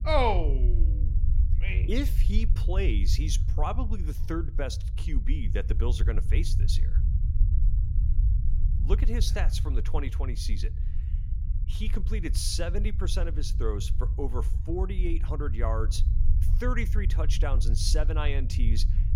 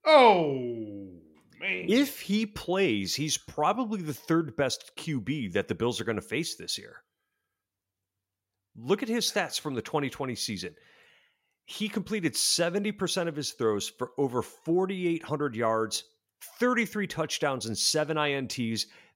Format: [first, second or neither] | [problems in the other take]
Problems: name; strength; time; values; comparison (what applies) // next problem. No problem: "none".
second | low rumble; noticeable; throughout; 10 dB below the speech